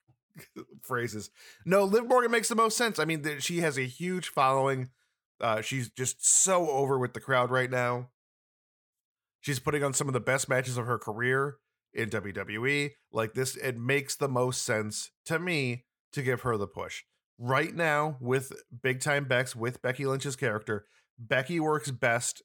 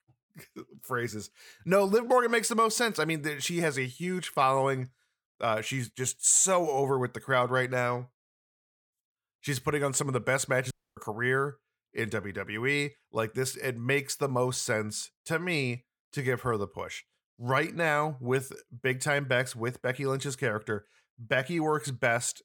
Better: first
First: none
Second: audio cutting out; at 11 s

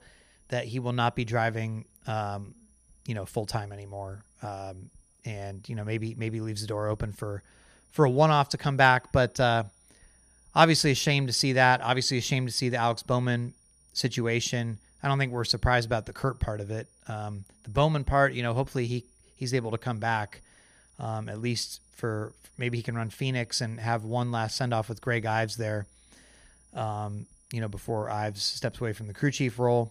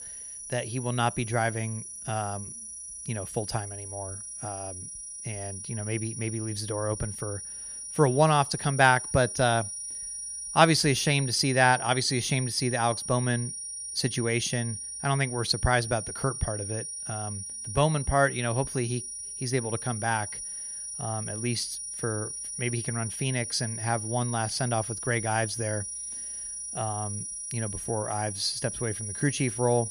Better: first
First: high-pitched whine; faint; throughout; 9.5 kHz, 35 dB below the speech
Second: high-pitched whine; loud; throughout; 9.5 kHz, 6 dB below the speech

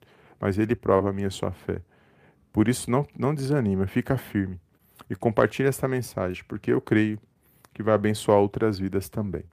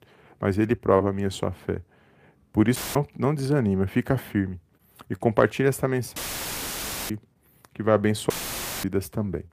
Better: first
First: none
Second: audio cutting out; filled with static; at 3 s, at 6 s for 1 s and at 8.5 s for 0.5 s

